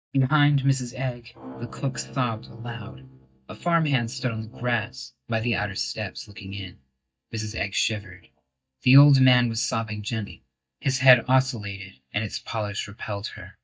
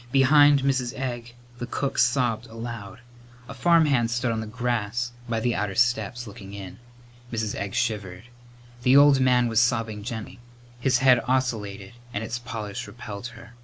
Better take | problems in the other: second | noise reduction (neural mask model DeepFilterNet 3)

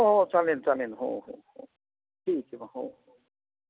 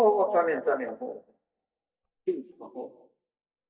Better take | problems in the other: first | noise reduction (neural mask model DeepFilterNet 3)

